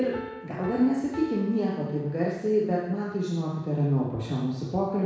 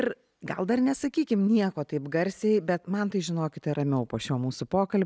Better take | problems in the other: second | background sound (Piano); 19 dB below the speech // room echo; dies away in 1.1 s

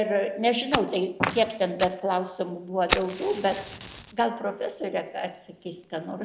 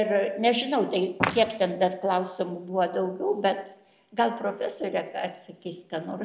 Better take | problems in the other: second | background sound (Fire); 10 dB below the speech

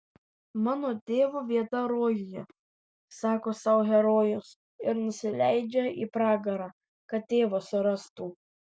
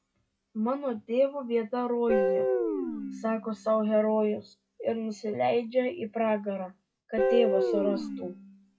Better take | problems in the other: first | noise reduction (classical method WPE with log-MMSE)

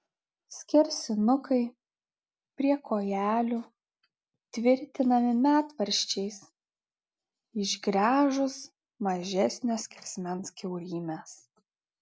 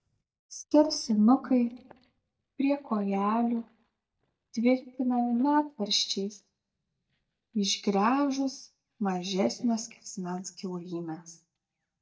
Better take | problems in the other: first | noise reduction (neural mask model DeepFilterNet 3)

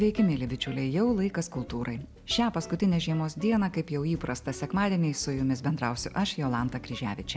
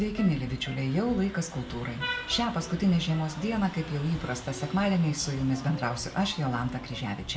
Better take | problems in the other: first | background sound (Vehicle horn, car horn, honking); 14 dB below the speech // room echo; dies away in 0.3 s

